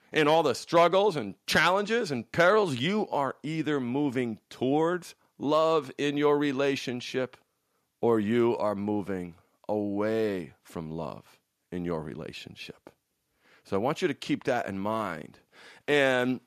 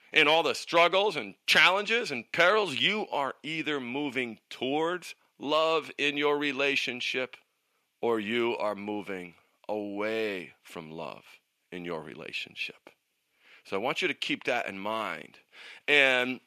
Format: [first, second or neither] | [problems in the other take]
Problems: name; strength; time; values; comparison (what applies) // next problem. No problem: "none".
first | thin; very slightly; fading below 400 Hz